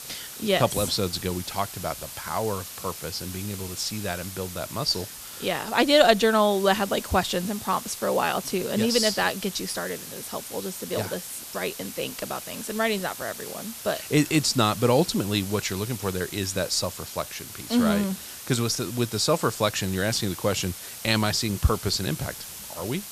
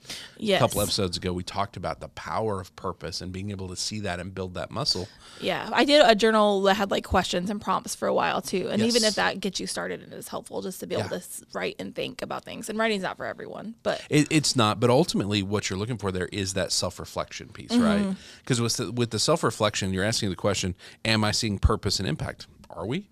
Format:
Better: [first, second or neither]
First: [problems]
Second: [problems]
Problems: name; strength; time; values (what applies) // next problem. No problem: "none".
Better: second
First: hiss; noticeable; throughout; 10 dB below the speech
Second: none